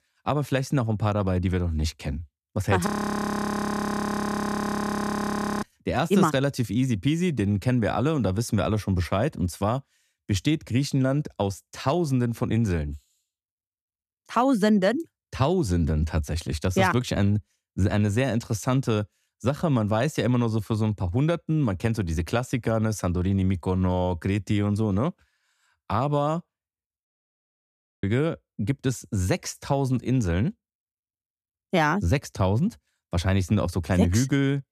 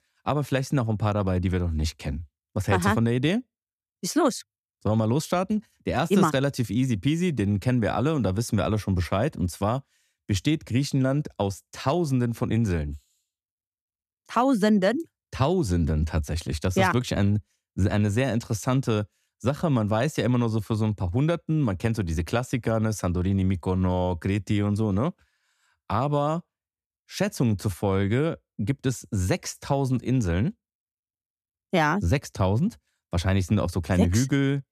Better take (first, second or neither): second